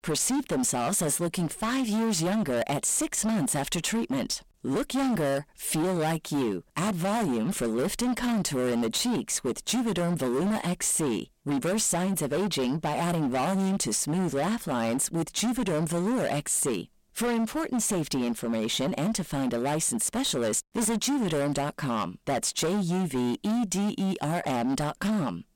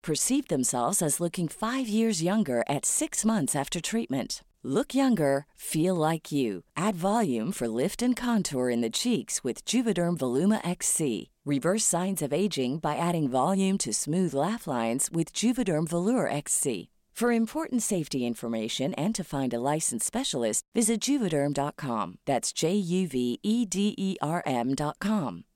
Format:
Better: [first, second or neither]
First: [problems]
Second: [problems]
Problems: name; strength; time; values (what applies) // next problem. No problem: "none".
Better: second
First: distortion; heavy; 28% of the sound clipped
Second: none